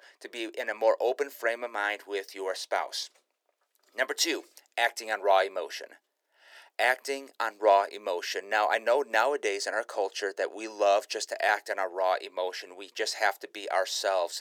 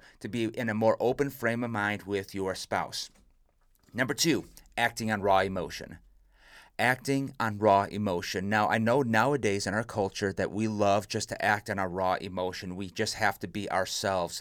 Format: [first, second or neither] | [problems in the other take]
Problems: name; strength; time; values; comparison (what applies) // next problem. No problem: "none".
second | thin; very; fading below 350 Hz